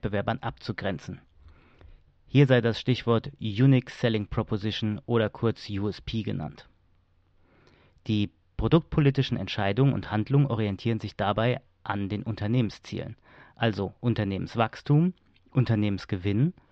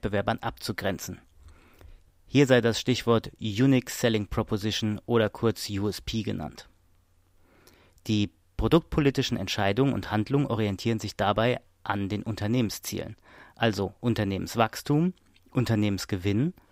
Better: second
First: muffled; very slightly; fading above 4.5 kHz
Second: none

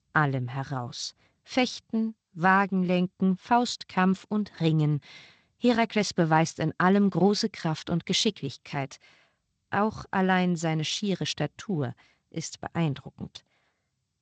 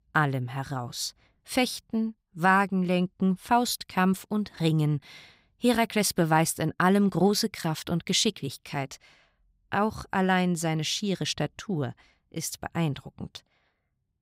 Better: second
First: garbled, watery; slightly; nothing above 7.5 kHz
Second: none

